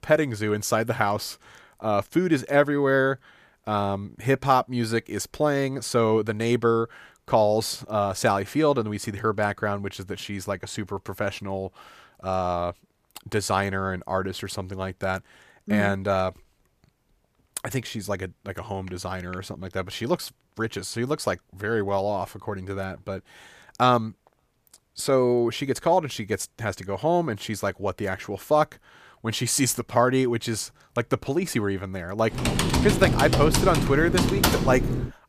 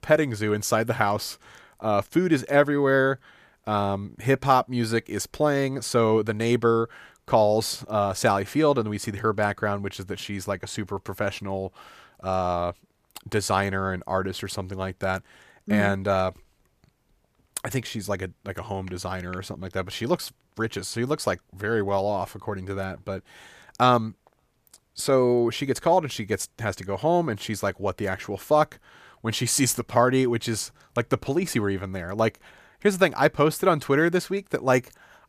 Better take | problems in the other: second | keyboard typing; loud; from 32 s on; peak 4 dB above the speech

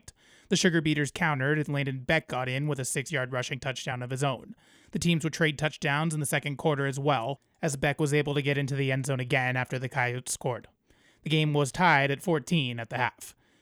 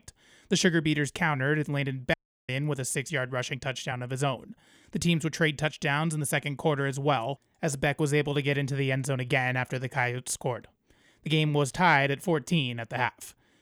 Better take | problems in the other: first | audio cutting out; at 2 s

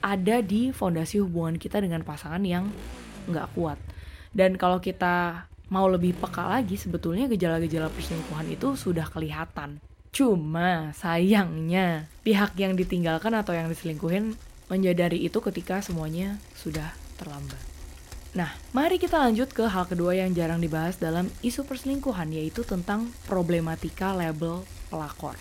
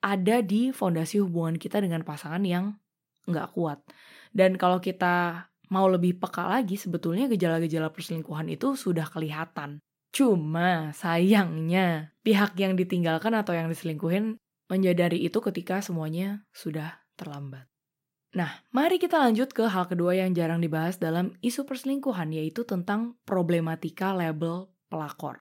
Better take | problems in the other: second | traffic noise; noticeable; throughout; 20 dB below the speech

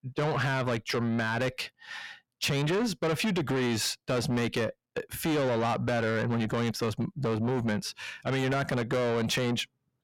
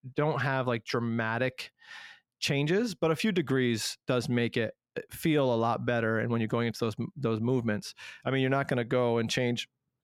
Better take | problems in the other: second | distortion; heavy; 7 dB below the speech

